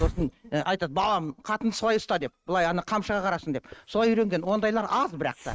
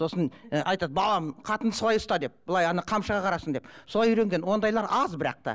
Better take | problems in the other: second | noise reduction (neural mask model RNNoise)

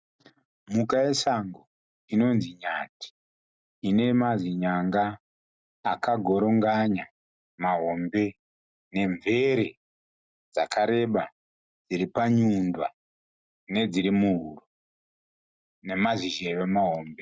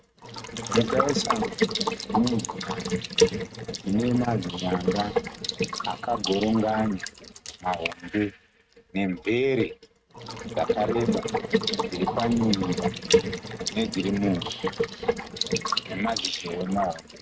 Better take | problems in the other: first | noise reduction (neural mask model RNNoise)

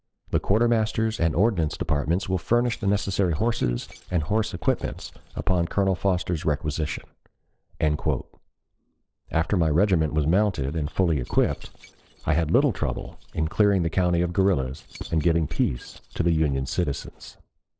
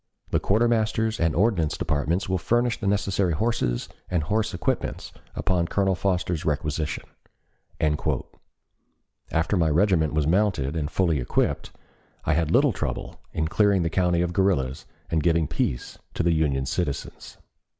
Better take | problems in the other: second | noise reduction (neural separator model SepFormer DNS4)

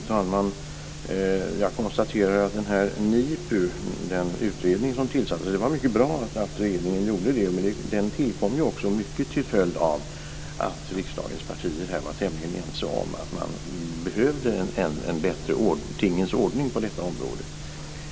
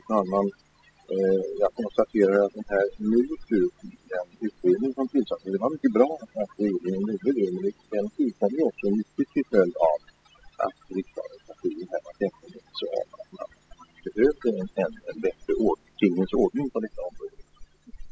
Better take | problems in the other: first | noise reduction (classical method spectral subtraction)

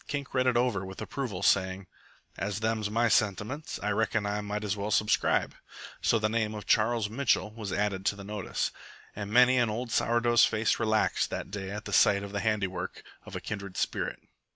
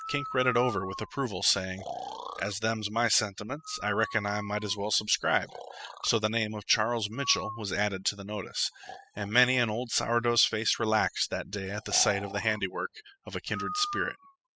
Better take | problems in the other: first | noise reduction (classical method spectral subtraction)

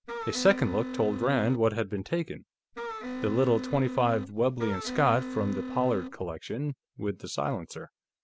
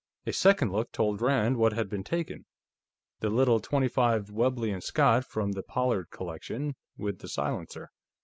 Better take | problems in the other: second | background sound (Wind instrument, woodwind instrument); 7 dB below the speech

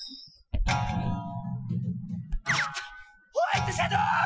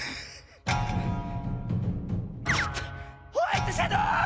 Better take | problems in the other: second | noise reduction (classical method Wiener filter)

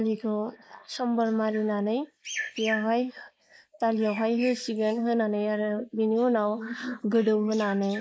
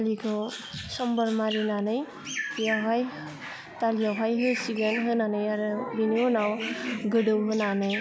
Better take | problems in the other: second | noise reduction (neural mask model Resemble Enhance denoiser)

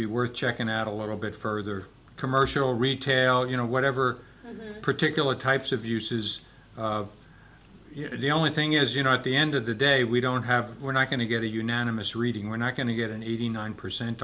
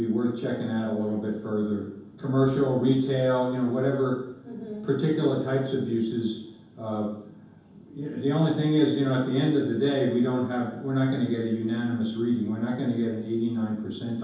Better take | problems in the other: first | room echo; dies away in 0.9 s

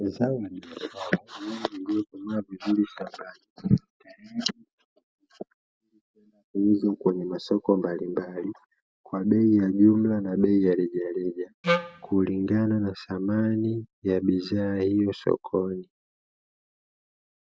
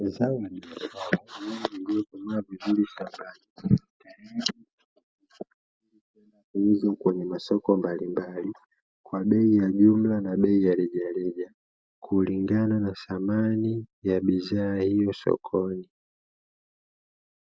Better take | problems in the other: second | background sound (Wind instrument, woodwind instrument); as loud as the speech

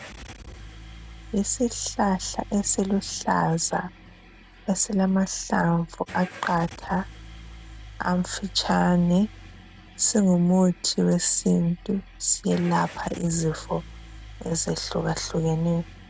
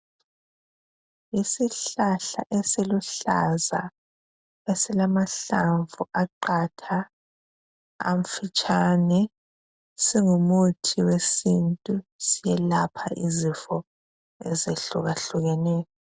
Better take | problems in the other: second | background sound (Engine starting / Car); 17 dB below the speech

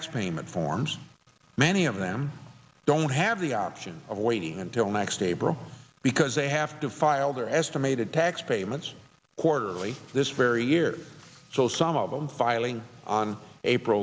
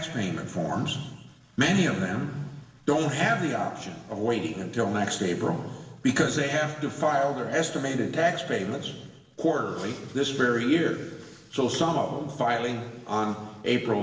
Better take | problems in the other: first | room echo; dies away in 1.1 s

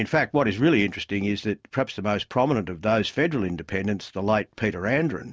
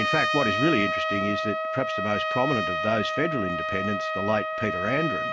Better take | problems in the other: first | background sound (Trumpet); as loud as the speech

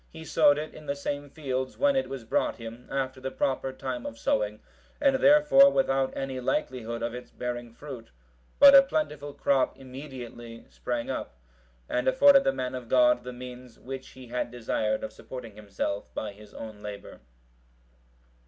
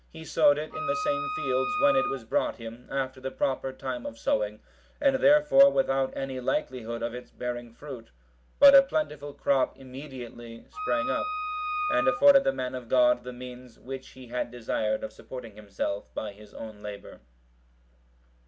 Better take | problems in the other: first | background sound (Wind instrument, woodwind instrument); 5 dB below the speech

